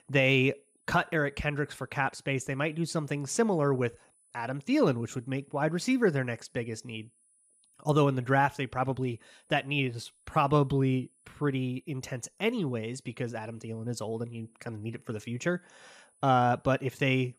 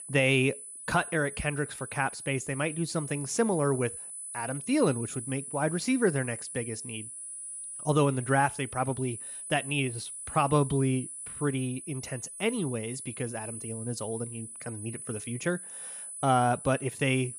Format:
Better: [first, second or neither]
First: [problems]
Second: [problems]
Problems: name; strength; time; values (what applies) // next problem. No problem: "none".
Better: first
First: high-pitched whine; faint; throughout; 10 kHz, 35 dB below the speech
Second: high-pitched whine; loud; throughout; 10 kHz, 9 dB below the speech